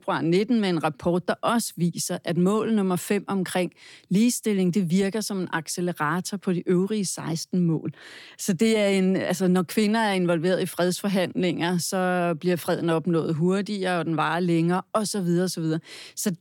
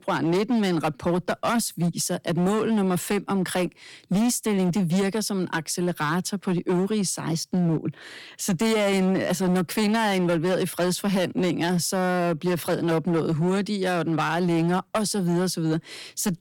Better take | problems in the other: first | distortion; slight; 16% of the sound clipped

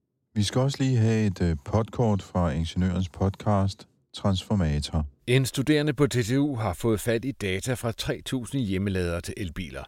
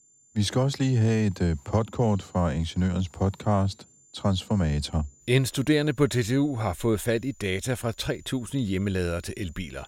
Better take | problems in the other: first | high-pitched whine; faint; throughout; 7 kHz, 30 dB below the speech

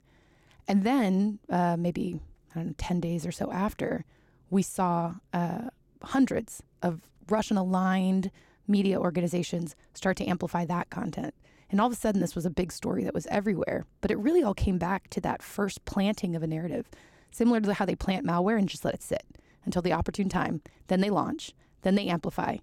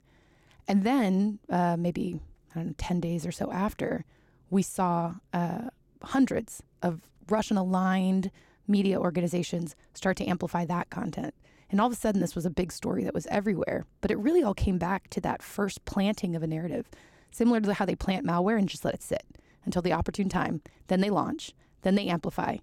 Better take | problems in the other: neither | none

